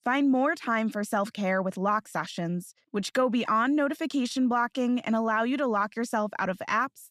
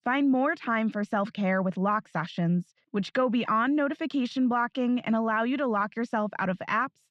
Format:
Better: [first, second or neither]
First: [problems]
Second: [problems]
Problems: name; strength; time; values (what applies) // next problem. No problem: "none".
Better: first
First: none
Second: muffled; very slightly; fading above 3 kHz